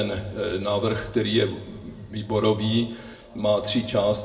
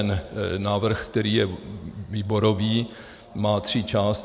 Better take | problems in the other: second | room echo; dies away in 0.6 s

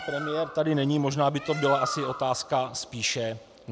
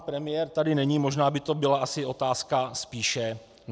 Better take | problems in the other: second | background sound (Bird); 11 dB below the speech

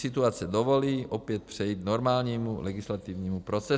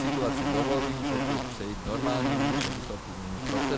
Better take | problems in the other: first | background sound (Insect); 4 dB above the speech

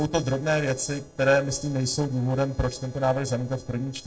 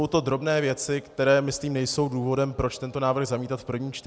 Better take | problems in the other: second | noise reduction (neural separator model SepFormer DNS4)

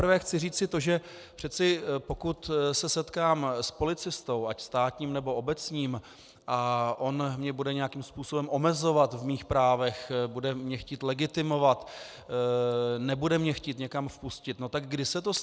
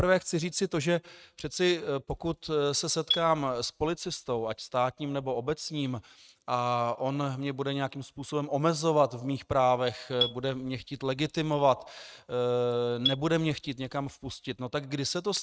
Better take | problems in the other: first | noise reduction (neural mask model RNNoise)

